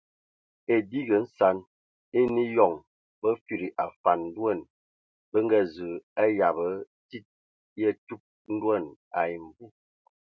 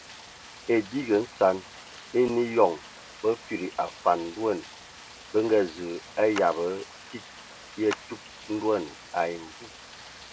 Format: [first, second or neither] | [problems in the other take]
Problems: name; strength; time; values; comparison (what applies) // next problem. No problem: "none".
first | background sound (Rain + Clapping); 16 dB below the speech